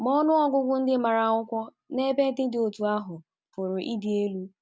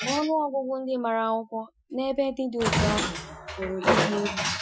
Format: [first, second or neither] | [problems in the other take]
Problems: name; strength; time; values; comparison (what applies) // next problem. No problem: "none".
first | noise reduction (classical method Wiener filter)